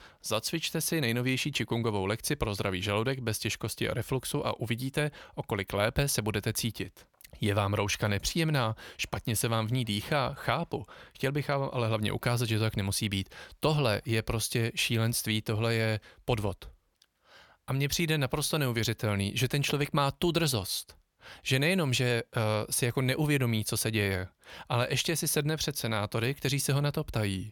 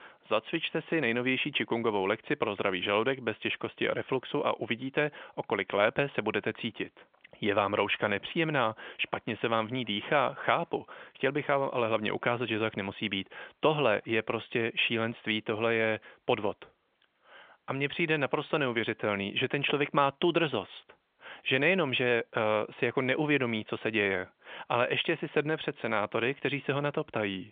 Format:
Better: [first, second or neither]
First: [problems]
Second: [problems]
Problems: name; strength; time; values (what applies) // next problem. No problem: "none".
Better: first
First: none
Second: phone-call audio; nothing above 3.5 kHz